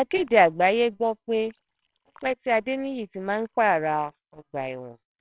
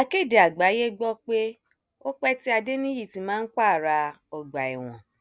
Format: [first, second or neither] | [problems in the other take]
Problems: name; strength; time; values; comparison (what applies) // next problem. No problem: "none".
second | noise reduction (neural separator model SepFormer WHAMR!)